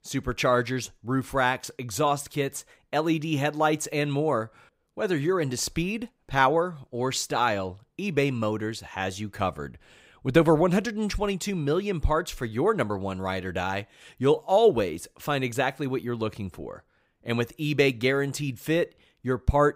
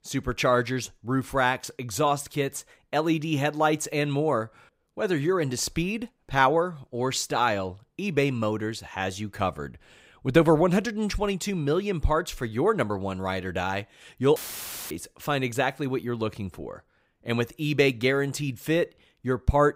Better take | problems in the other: first | audio cutting out; filled with static; at 14 s for 0.5 s

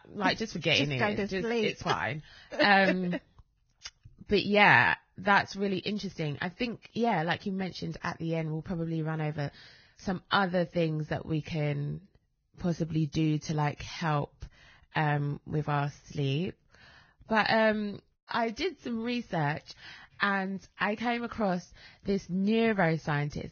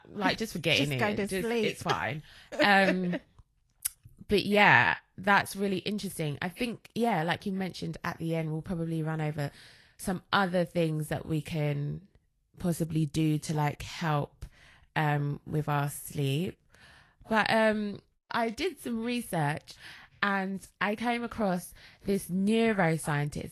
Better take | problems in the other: second | garbled, watery; badly; nothing above 6.5 kHz; slightly in the second

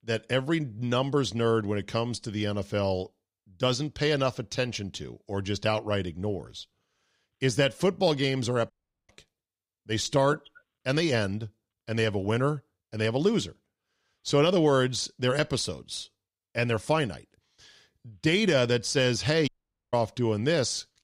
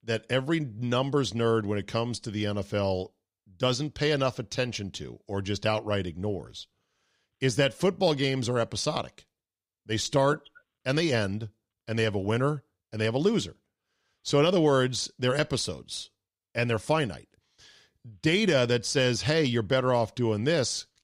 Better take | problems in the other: second | audio cutting out; at 8.5 s and at 19 s

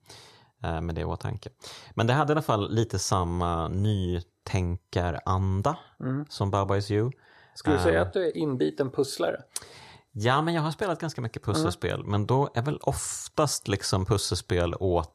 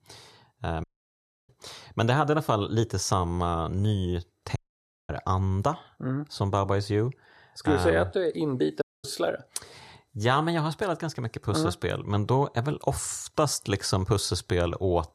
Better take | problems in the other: first | audio cutting out; at 1 s for 0.5 s, at 4.5 s for 0.5 s and at 9 s

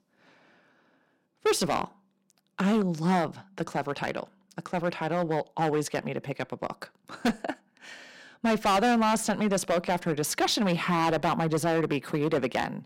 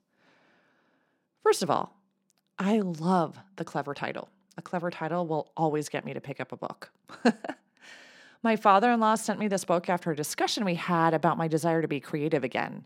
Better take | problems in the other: second | distortion; heavy; 7% of the sound clipped

